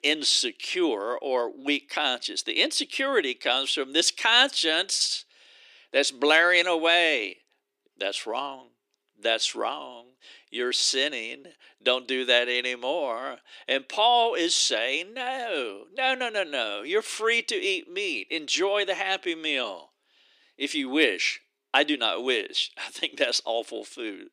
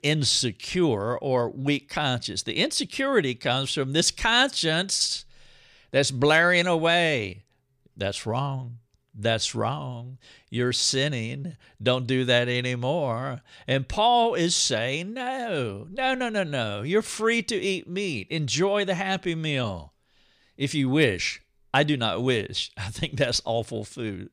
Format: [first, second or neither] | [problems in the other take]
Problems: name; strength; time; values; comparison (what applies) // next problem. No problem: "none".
second | thin; somewhat; fading below 300 Hz